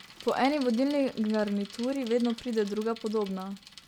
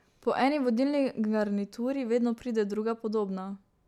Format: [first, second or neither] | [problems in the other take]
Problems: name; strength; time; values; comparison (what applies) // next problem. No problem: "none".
second | background sound (Bicycle); 19 dB below the speech